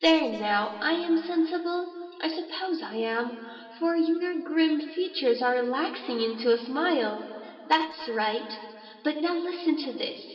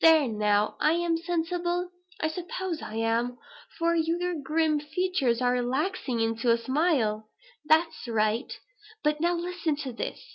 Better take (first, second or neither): second